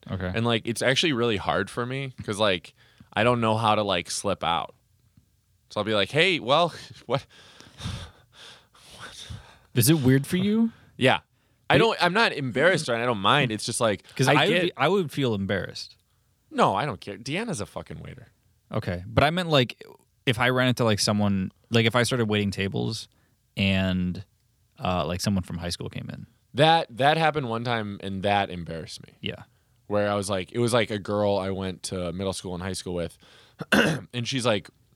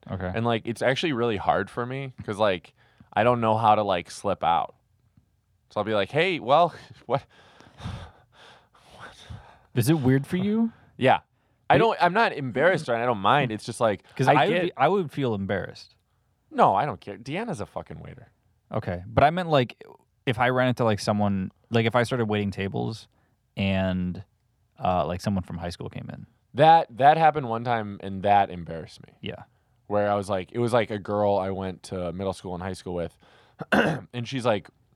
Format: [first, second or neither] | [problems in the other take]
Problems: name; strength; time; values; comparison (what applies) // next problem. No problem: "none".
first | muffled; slightly; fading above 3 kHz